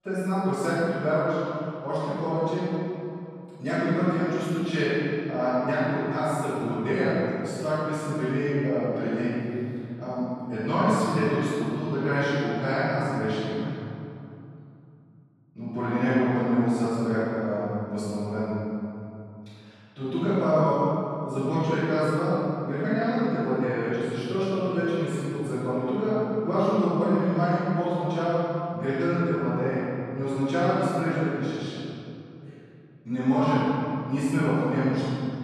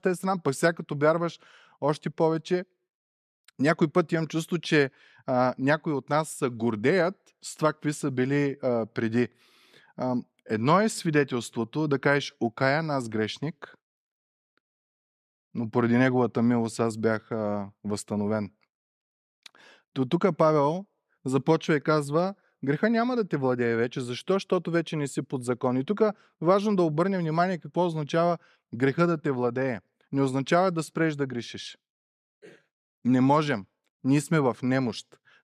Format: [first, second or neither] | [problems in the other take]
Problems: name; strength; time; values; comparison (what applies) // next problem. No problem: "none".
second | off-mic speech; far // room echo; strong; dies away in 2.8 s